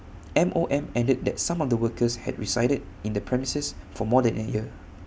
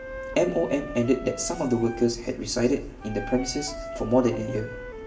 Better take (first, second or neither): first